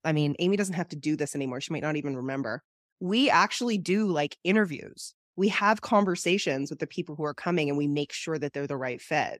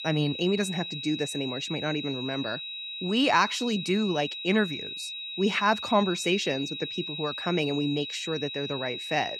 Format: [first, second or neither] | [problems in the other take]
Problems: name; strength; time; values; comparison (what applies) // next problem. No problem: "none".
first | high-pitched whine; loud; throughout; 4 kHz, 6 dB below the speech